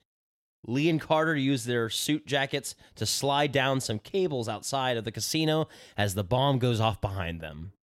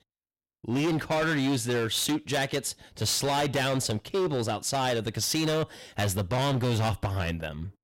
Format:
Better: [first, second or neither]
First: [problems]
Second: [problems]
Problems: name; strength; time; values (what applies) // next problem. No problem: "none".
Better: first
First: none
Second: distortion; heavy; 20% of the sound clipped